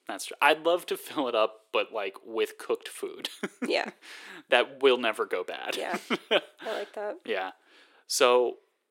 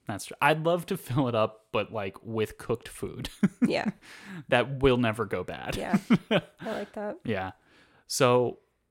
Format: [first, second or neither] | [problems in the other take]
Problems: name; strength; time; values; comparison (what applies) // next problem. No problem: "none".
second | thin; somewhat; fading below 350 Hz